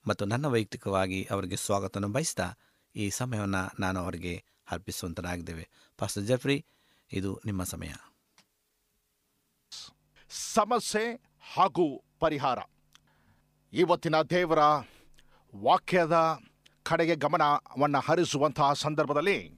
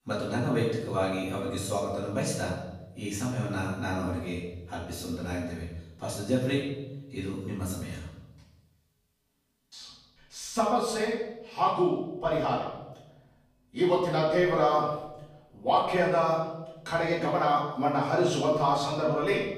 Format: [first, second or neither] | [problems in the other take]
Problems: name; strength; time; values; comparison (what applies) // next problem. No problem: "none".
first | off-mic speech; far // room echo; noticeable; dies away in 0.9 s